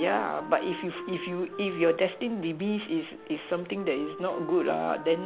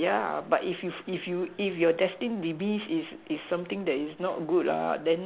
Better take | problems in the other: second | background sound (Wind instrument, woodwind instrument); 13 dB below the speech

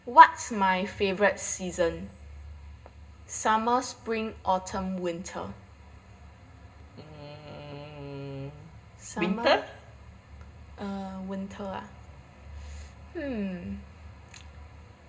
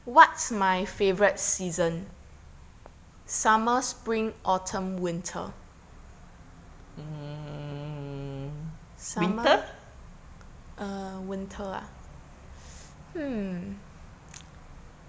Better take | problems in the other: second | room echo; dies away in 0.2 s

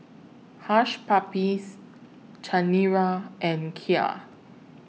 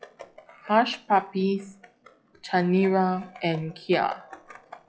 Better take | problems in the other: first | noise reduction (classical method log-MMSE)

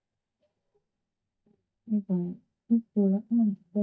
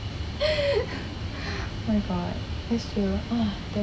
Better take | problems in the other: second | noise reduction (neural mask model DeepFilterNet 3)

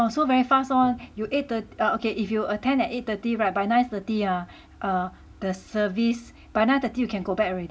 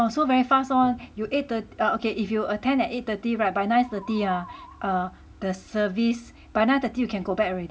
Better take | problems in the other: first | background sound (Musical instrument); 19 dB below the speech

